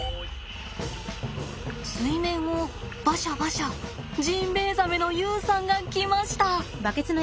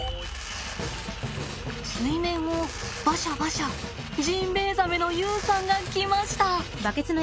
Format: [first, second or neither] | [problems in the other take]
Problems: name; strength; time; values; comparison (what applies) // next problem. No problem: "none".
first | background sound (Tearing); 13 dB below the speech